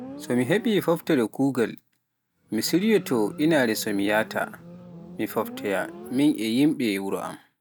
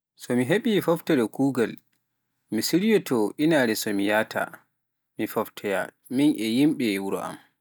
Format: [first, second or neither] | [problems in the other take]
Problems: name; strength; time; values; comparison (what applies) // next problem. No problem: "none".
second | background sound (Motorcycle); 18 dB below the speech